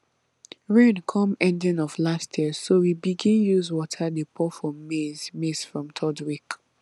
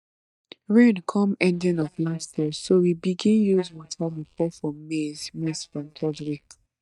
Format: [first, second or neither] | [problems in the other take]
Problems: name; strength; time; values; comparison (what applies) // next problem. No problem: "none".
first | noise reduction (neural mask model DeepFilterNet 3)